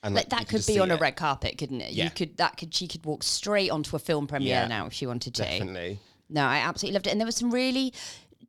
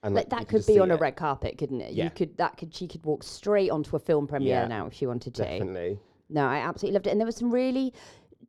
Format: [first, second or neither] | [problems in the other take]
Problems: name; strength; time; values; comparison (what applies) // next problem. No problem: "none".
first | muffled; slightly; fading above 2 kHz